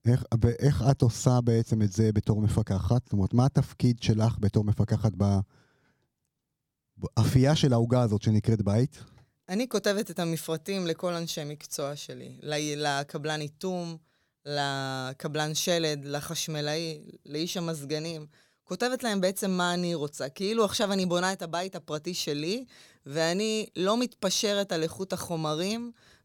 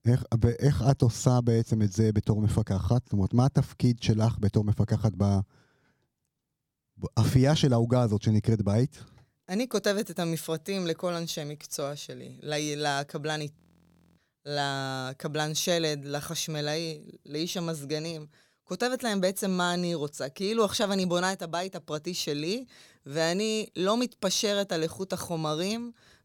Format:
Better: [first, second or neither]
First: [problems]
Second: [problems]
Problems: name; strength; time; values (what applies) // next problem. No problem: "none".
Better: first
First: none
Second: audio freezing; at 14 s for 0.5 s